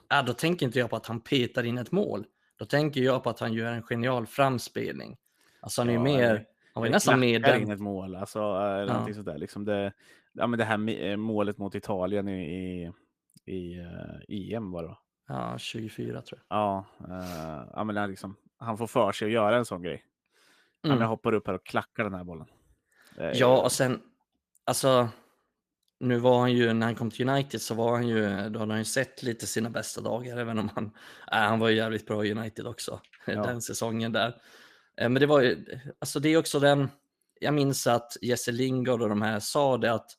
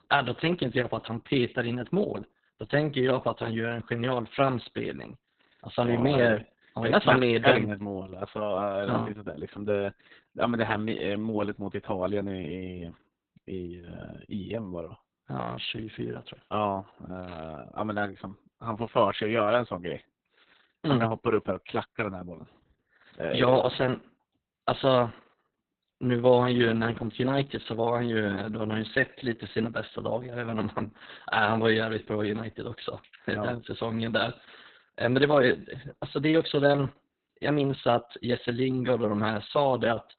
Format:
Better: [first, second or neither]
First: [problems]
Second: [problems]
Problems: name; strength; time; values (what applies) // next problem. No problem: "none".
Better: first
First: garbled, watery; slightly; nothing above 14.5 kHz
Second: garbled, watery; badly; nothing above 4 kHz